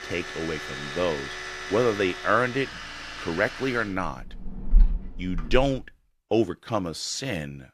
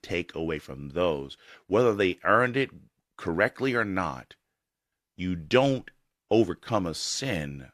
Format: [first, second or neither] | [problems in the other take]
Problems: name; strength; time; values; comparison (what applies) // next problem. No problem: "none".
second | household noises; loud; until 5.5 s; 6 dB below the speech